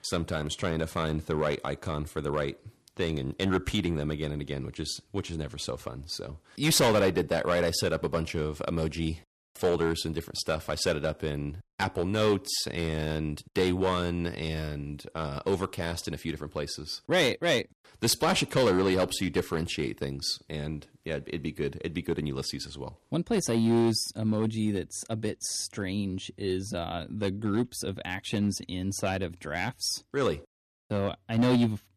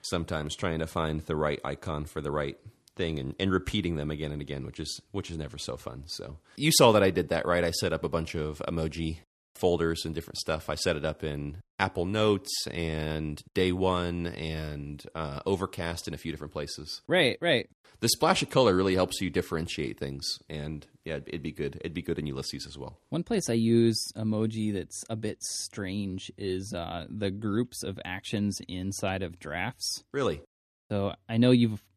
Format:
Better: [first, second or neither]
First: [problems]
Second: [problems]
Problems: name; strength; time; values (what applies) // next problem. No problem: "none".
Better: second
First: distortion; slight; 3% of the sound clipped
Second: none